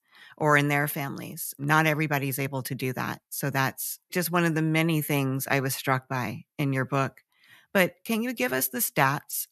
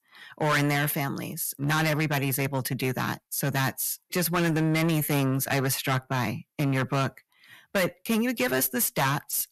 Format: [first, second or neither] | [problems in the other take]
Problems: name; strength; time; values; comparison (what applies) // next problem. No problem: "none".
first | distortion; heavy; 10% of the sound clipped